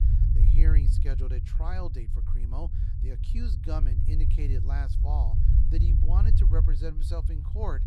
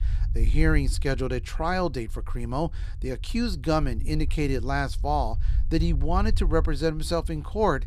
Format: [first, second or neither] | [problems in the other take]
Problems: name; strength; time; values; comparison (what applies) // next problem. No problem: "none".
second | low rumble; loud; throughout; 2 dB below the speech; faint in the second